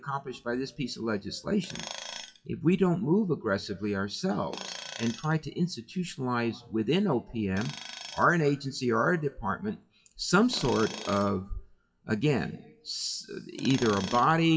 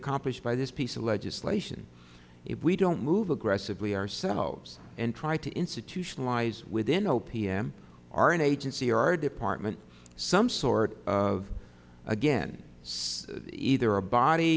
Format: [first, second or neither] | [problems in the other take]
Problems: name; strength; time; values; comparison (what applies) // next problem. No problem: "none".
second | noise reduction (classical method WPE with log-MMSE)